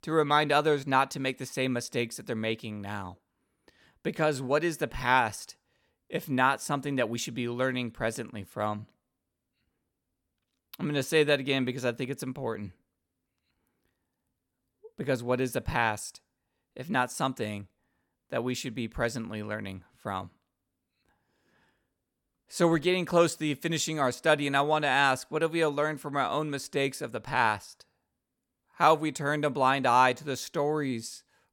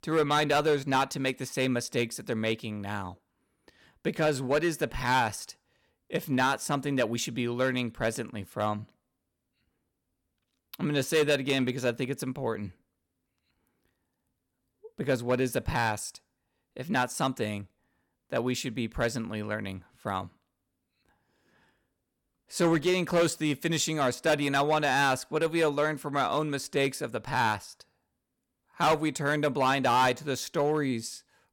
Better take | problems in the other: first | distortion; slight; 3% of the sound clipped

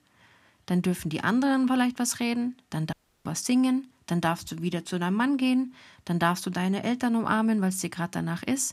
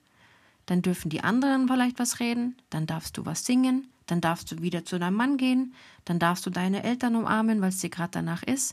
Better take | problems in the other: second | audio cutting out; at 3 s

